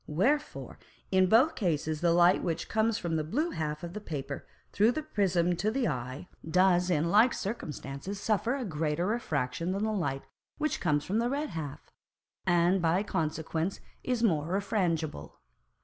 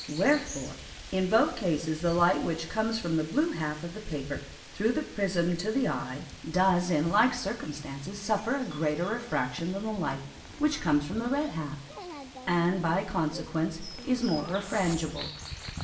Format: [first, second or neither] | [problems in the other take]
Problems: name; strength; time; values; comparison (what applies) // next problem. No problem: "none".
first | background sound (Bird vocalization, bird call, bird song); 15 dB below the speech // room echo; dies away in 0.7 s